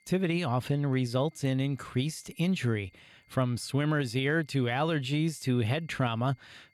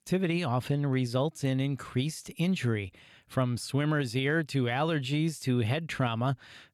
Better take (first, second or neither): second